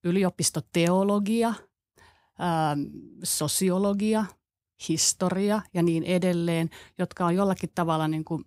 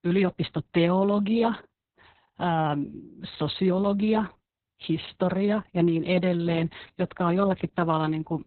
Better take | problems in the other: first | garbled, watery; badly; nothing above 4 kHz

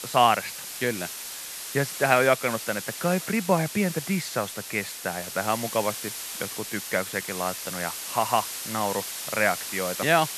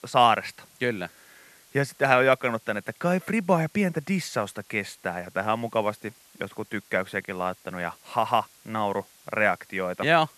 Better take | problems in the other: second | hiss; loud; throughout; 6 dB below the speech; faint in the second

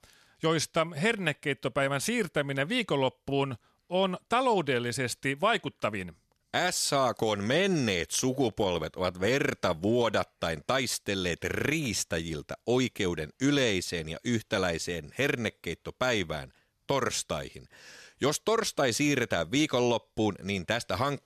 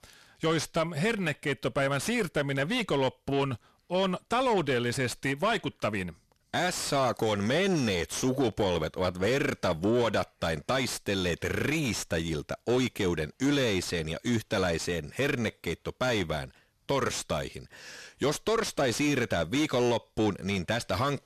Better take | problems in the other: first | distortion; slight; 10 dB below the speech

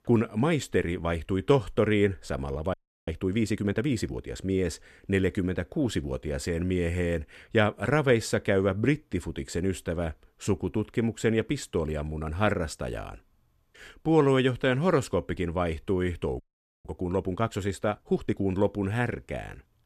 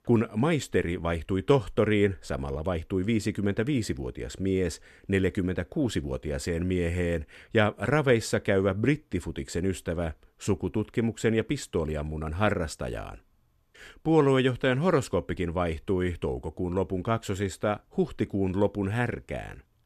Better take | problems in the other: second | audio freezing; at 2.5 s and at 16 s

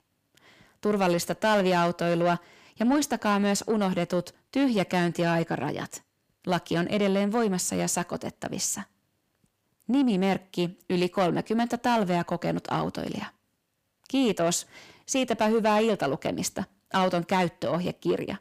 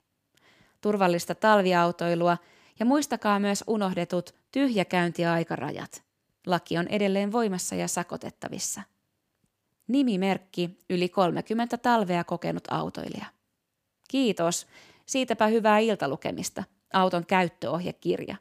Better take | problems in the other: second | distortion; slight; 10 dB below the speech

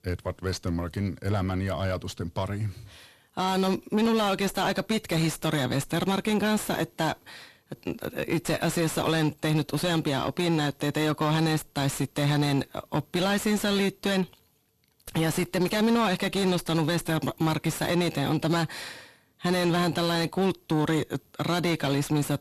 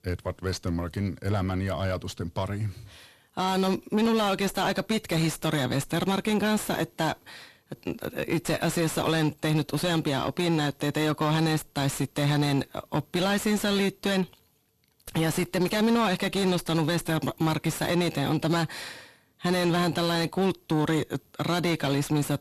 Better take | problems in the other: neither | distortion; heavy; 7 dB below the speech; the same in both

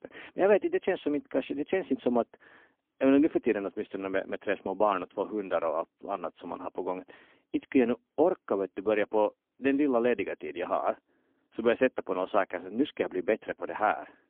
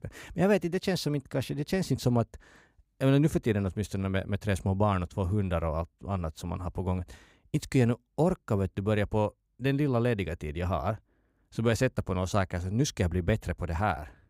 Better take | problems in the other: second | phone-call audio; poor line; nothing above 3.5 kHz

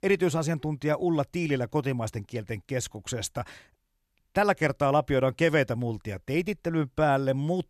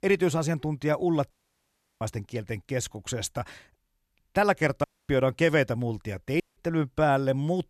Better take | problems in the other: first | audio cutting out; at 1.5 s for 0.5 s, at 5 s and at 6.5 s

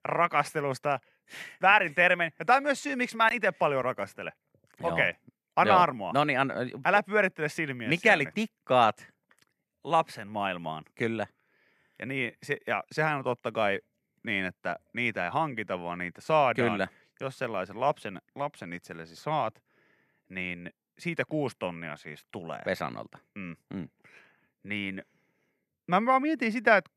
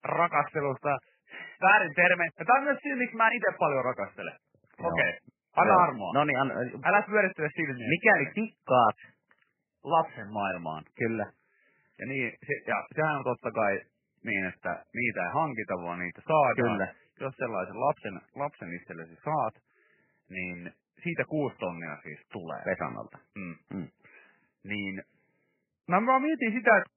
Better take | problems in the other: first | garbled, watery; badly; nothing above 3 kHz

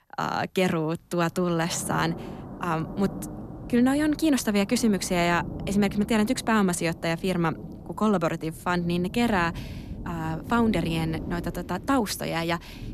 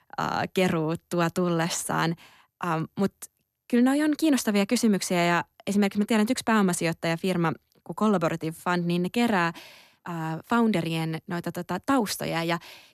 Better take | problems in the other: second | rain or running water; noticeable; throughout; 15 dB below the speech

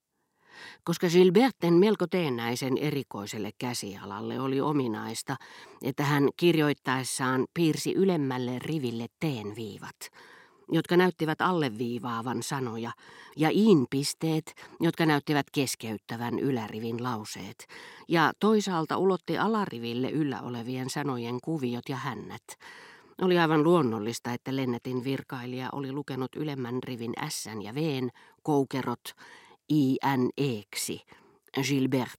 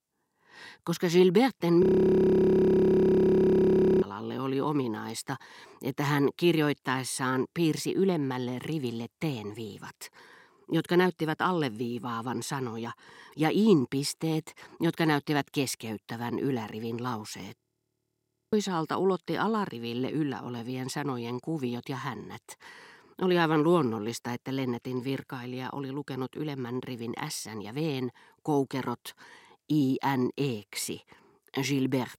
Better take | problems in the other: first | audio freezing; at 2 s for 2 s and at 18 s for 1 s

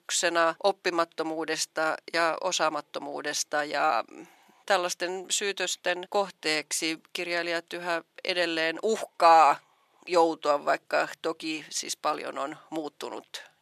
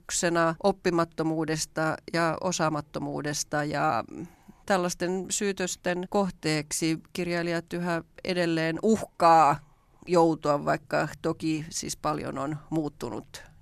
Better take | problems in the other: second | thin; very; fading below 500 Hz

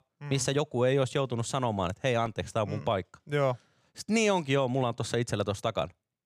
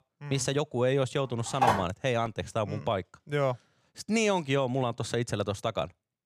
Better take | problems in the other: first | phone ringing; loud; at 1.5 s; peak 3 dB above the speech

